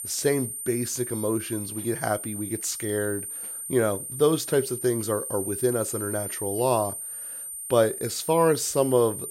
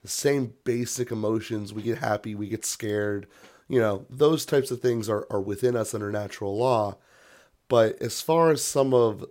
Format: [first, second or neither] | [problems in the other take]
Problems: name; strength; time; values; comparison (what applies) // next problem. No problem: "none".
second | high-pitched whine; loud; throughout; 9 kHz, 6 dB below the speech